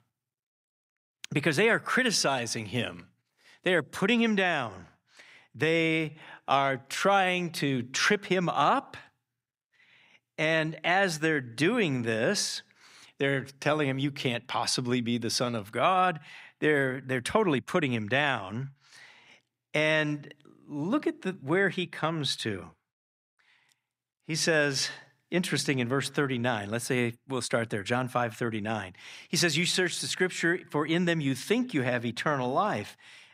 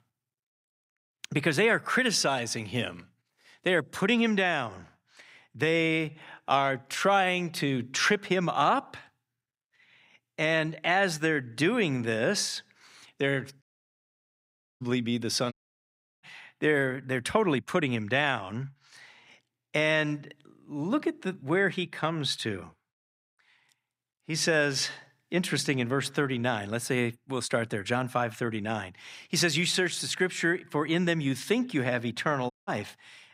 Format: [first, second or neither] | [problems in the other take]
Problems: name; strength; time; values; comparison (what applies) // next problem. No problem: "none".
first | audio cutting out; at 14 s for 1 s, at 16 s for 0.5 s and at 33 s